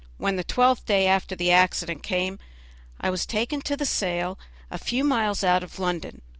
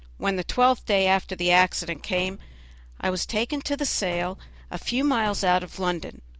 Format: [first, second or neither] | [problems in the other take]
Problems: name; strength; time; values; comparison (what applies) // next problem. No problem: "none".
first | background sound (Slam); 19 dB below the speech